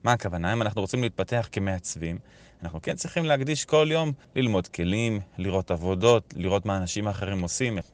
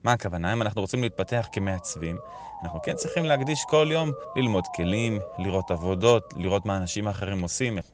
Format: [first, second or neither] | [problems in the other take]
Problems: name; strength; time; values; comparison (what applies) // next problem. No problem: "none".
first | siren; noticeable; from 1 to 7 s; peak 8 dB below the speech